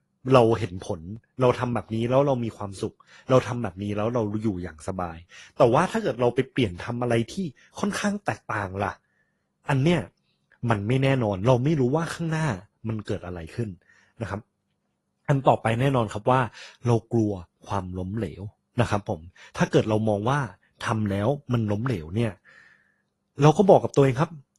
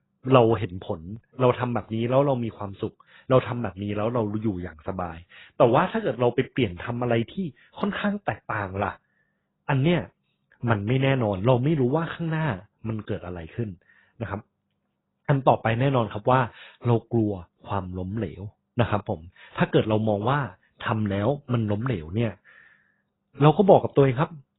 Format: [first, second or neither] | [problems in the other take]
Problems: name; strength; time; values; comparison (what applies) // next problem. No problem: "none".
first | garbled, watery; badly; nothing above 4 kHz; slightly in the first